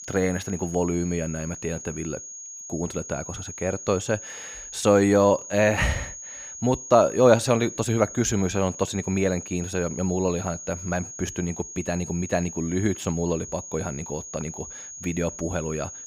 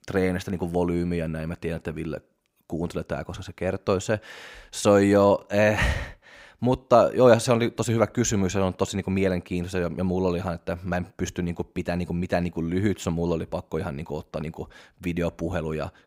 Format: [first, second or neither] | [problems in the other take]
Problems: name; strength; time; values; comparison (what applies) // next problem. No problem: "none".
second | high-pitched whine; noticeable; throughout; 6.5 kHz, 10 dB below the speech